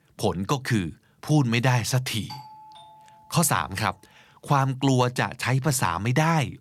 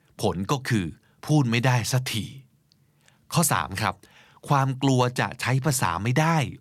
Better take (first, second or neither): second